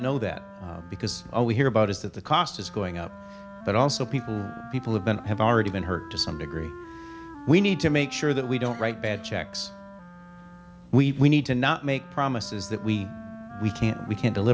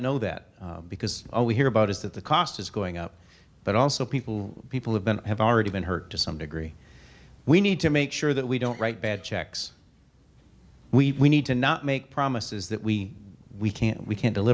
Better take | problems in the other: second | background sound (Wind instrument, woodwind instrument); 16 dB below the speech

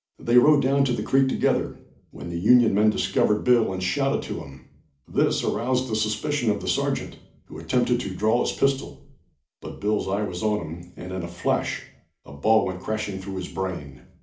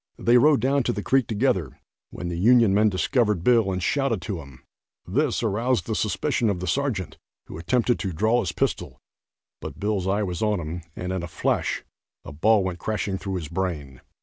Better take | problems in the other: second | room echo; dies away in 0.4 s

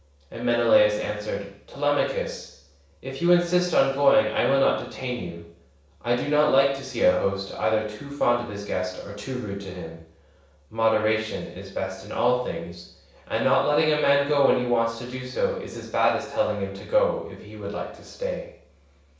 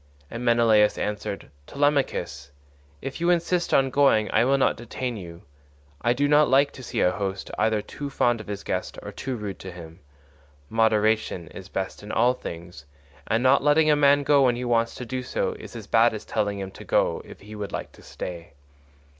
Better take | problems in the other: second | room echo; dies away in 0.7 s

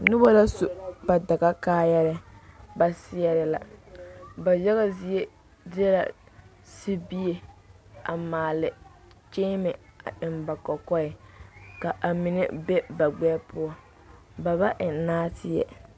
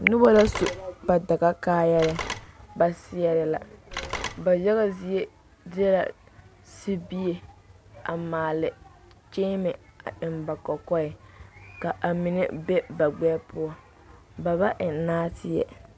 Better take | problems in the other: first | background sound (Telephone); 11 dB below the speech

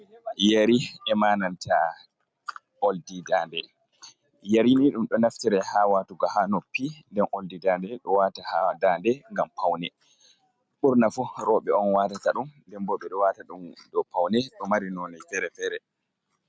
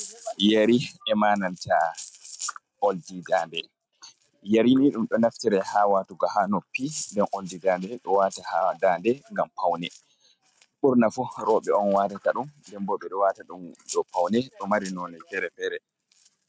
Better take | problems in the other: first | noise reduction (neural mask model RNNoise)

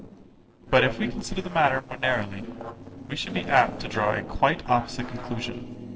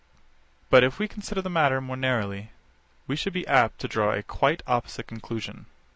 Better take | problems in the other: second | noise reduction (neural separator model SepFormer DNS4)

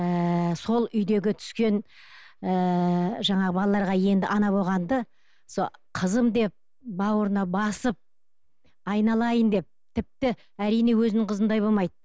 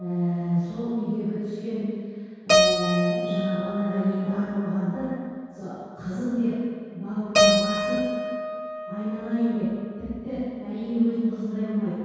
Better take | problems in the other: first | background sound (Keyboard (musical)); 1 dB below the speech // room echo; dies away in 2 s

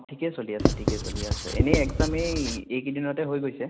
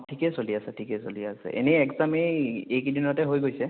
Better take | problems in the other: second | background sound (Writing); 3 dB above the speech

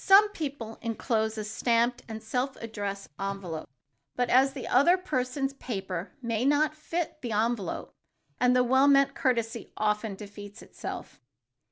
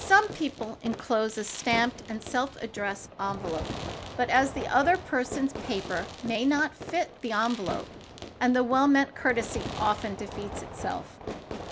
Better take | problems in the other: first | background sound (Fireworks); 11 dB below the speech

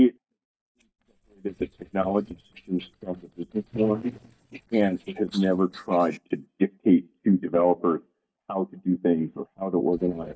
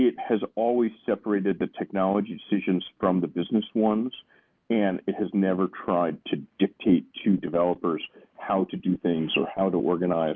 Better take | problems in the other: second | noise reduction (neural mask model DeepFilterNet 3)

